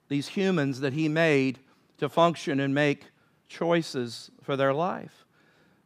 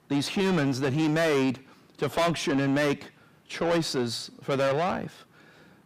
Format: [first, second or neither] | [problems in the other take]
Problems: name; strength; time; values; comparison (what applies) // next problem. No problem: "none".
first | distortion; heavy; 6 dB below the speech